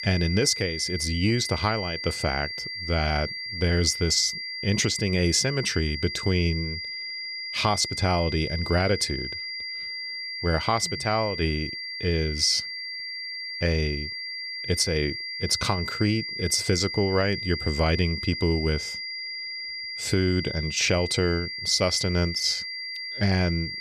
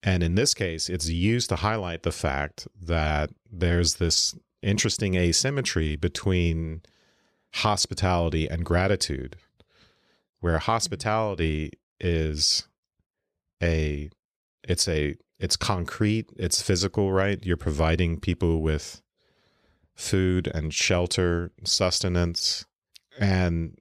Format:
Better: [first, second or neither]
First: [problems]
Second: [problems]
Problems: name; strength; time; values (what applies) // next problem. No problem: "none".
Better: second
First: high-pitched whine; loud; throughout; 2 kHz, 6 dB below the speech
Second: none